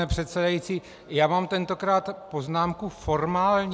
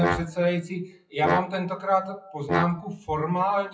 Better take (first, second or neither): first